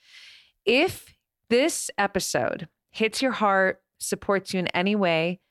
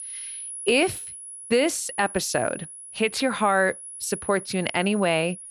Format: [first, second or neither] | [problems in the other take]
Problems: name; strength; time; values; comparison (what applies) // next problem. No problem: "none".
first | high-pitched whine; noticeable; throughout; 10.5 kHz, 10 dB below the speech